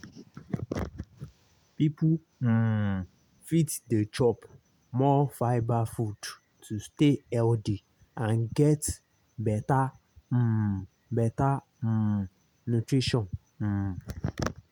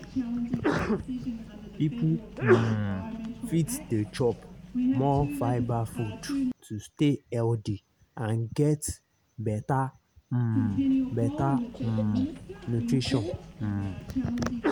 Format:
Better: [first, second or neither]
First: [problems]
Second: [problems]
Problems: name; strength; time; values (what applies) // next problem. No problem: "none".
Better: first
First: none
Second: background sound (Sneeze); 2 dB below the speech